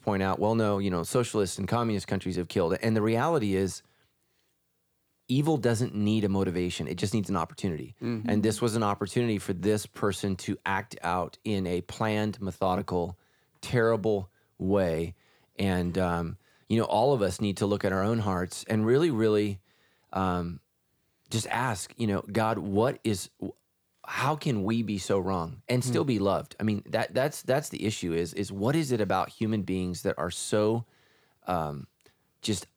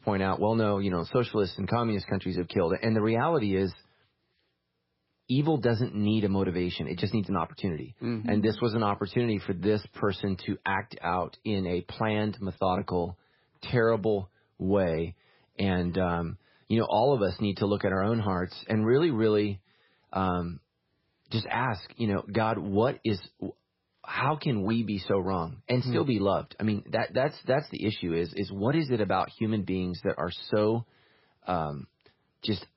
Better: first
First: none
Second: garbled, watery; badly; nothing above 5.5 kHz

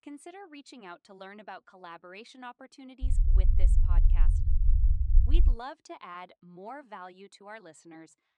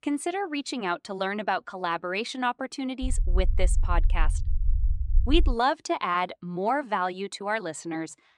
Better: second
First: low rumble; loud; from 3 to 5.5 s; 5 dB below the speech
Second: low rumble; faint; from 3 to 5.5 s; 25 dB below the speech

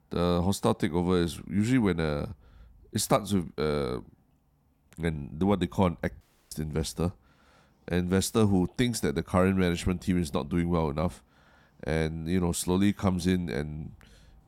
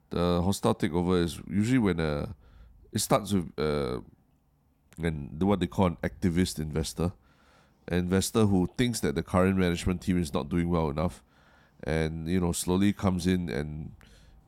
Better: second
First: audio cutting out; at 6 s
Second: none

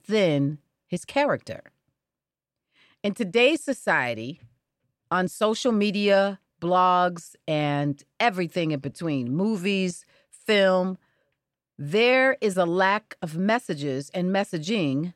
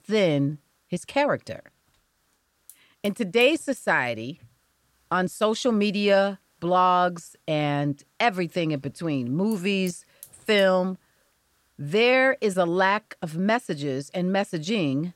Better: first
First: none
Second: hiss; faint; throughout; 30 dB below the speech

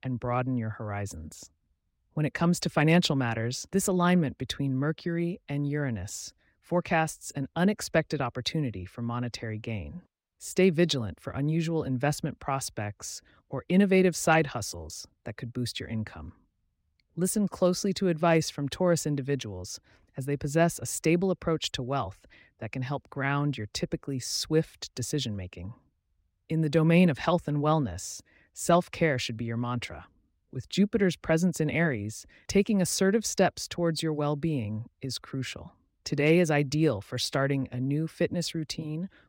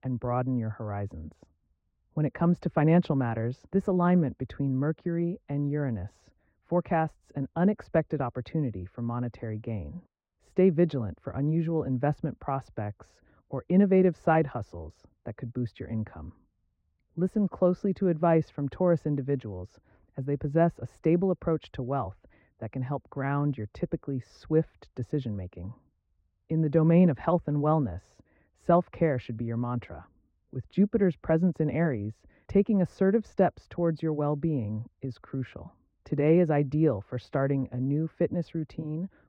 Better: first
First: none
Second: muffled; very; fading above 3 kHz

